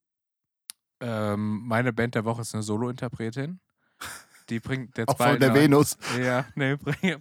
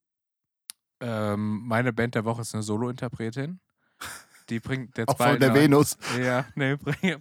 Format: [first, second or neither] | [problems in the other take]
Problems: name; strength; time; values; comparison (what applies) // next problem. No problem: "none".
neither | none